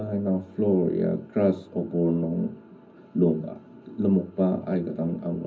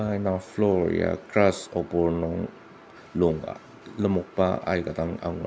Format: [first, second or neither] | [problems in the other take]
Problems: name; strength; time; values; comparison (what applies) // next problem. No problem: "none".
second | room echo; dies away in 0.4 s